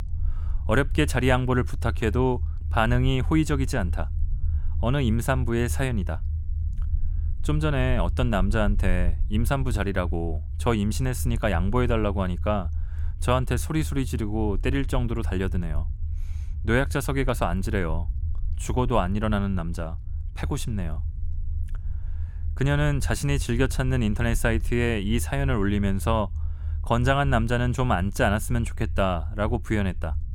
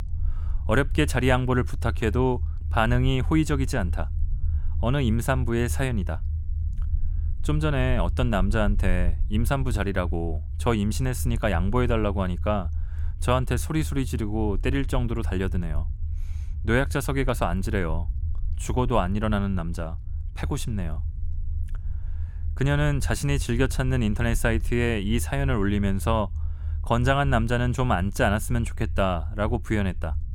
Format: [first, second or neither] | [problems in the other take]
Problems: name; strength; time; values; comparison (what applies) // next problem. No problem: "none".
neither | low rumble; faint; throughout; 20 dB below the speech; the same in both